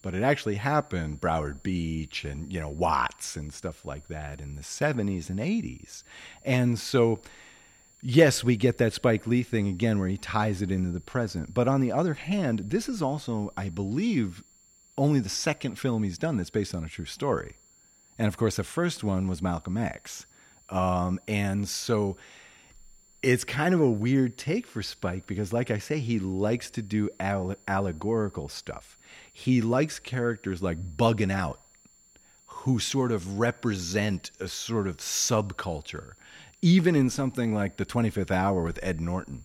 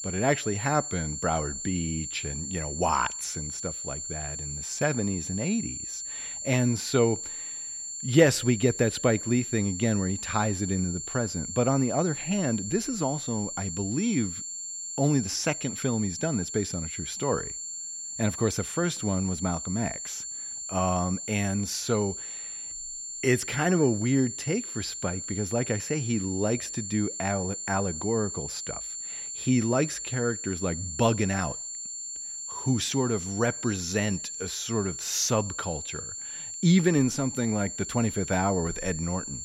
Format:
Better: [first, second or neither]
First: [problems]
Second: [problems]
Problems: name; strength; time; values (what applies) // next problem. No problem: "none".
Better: first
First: high-pitched whine; faint; throughout; 7.5 kHz, 30 dB below the speech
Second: high-pitched whine; loud; throughout; 7.5 kHz, 6 dB below the speech